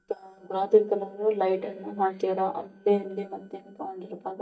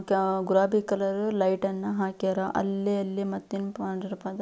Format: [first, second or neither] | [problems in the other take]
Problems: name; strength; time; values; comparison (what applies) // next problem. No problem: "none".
second | noise reduction (neural mask model DeepFilterNet 3)